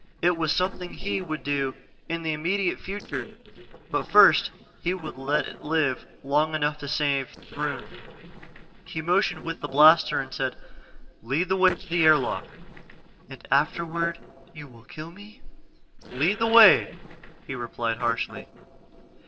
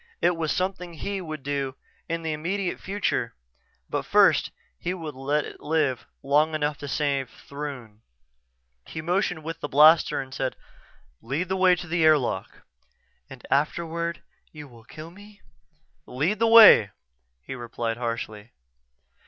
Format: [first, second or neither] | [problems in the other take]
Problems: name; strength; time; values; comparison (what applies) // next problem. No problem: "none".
second | noise reduction (neural separator model SepFormer DNS4)